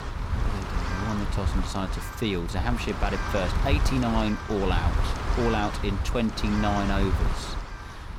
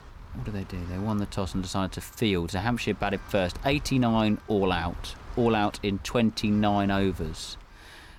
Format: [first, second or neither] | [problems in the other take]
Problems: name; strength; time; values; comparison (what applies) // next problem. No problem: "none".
second | wind noise on the microphone; heavy; 3 dB below the speech; occasional gusts in the second